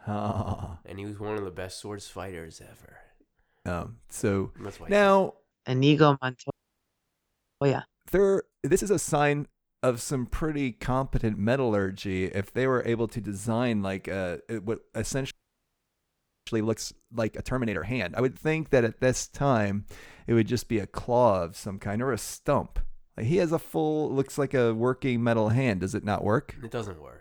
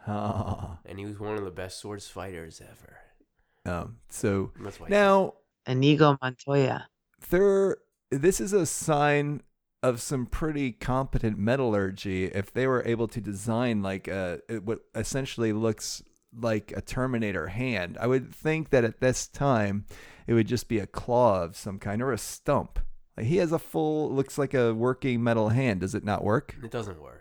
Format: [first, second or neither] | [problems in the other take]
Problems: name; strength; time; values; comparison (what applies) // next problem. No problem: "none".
second | audio freezing; at 6.5 s for 1 s and at 15 s for 1 s